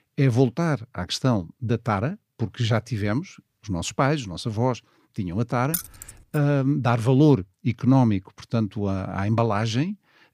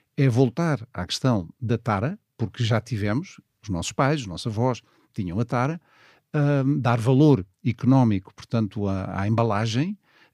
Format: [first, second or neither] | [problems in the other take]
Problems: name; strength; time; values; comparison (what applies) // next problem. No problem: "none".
second | jangling keys; noticeable; at 5.5 s; peak 5 dB below the speech